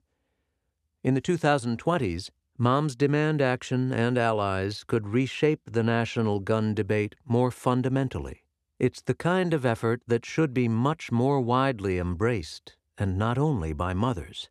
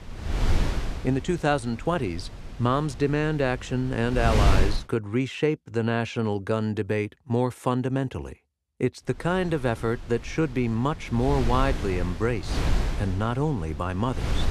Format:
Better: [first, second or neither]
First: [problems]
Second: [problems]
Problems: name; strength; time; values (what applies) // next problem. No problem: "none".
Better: first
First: none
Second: wind noise on the microphone; heavy; until 4.5 s and from 9 s on; 7 dB below the speech